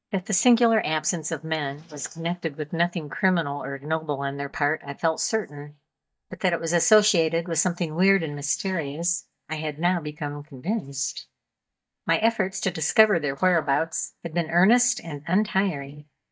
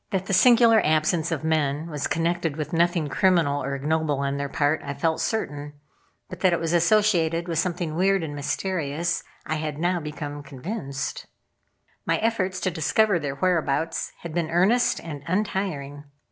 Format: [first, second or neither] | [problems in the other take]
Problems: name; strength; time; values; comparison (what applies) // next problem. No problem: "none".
second | noise reduction (neural mask model DeepFilterNet 3)